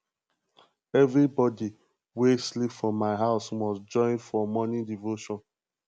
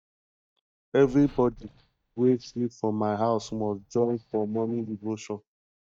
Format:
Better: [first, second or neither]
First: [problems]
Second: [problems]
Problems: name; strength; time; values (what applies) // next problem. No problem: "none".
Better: first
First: none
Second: noise reduction (neural mask model DeepFilterNet 3)